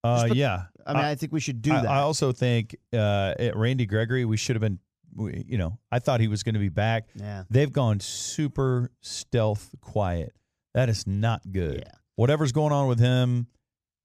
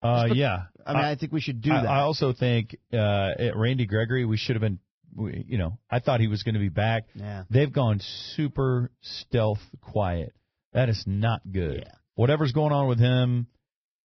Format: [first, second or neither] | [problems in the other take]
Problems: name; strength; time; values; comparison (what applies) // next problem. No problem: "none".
first | garbled, watery; badly; nothing above 5.5 kHz